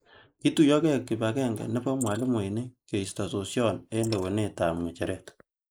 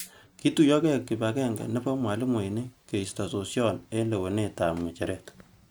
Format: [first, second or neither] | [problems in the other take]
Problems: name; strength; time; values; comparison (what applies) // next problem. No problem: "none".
second | noise reduction (neural mask model Resemble Enhance denoiser)